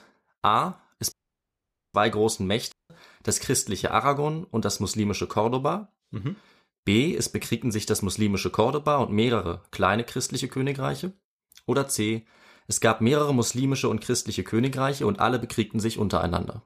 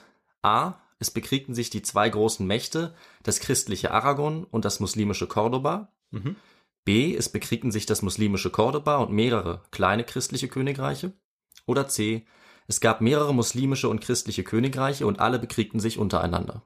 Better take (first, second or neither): second